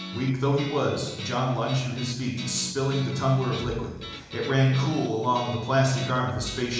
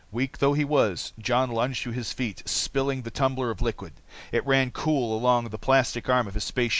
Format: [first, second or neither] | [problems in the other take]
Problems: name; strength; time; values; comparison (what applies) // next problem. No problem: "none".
second | background sound (Guitar); 13 dB below the speech // room echo; dies away in 1 s